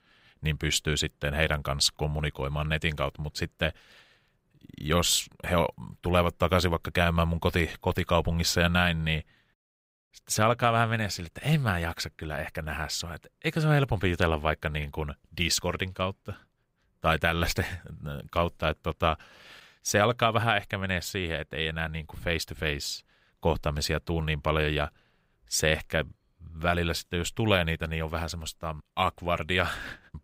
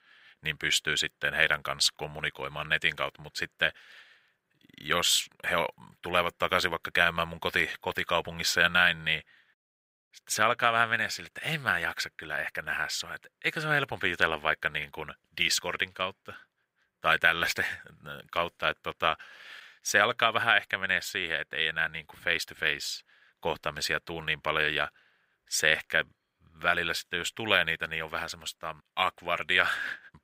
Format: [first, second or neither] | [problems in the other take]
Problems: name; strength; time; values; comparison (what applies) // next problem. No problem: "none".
first | thin; somewhat; fading below 1 kHz